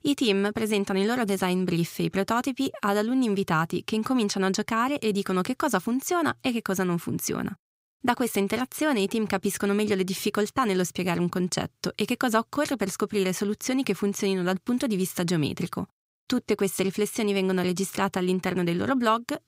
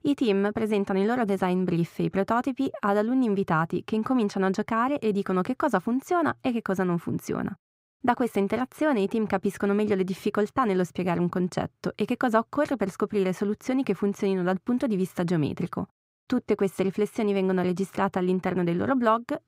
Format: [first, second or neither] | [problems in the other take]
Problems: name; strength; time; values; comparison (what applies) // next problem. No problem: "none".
first | muffled; slightly; fading above 2.5 kHz